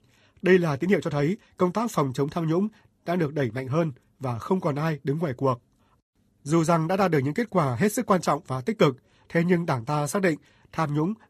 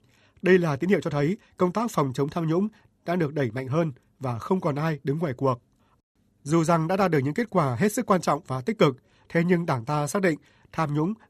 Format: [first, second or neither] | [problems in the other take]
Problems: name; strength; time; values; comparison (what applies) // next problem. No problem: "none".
second | garbled, watery; slightly; nothing above 14.5 kHz